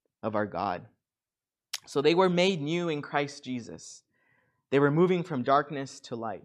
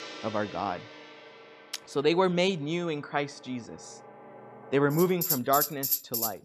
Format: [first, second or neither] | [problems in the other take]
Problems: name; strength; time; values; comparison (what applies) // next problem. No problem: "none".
first | background music; loud; throughout; 2 dB below the speech